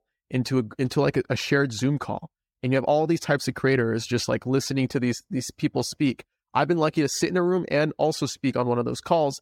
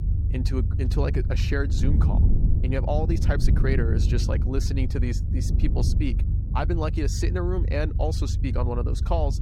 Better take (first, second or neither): first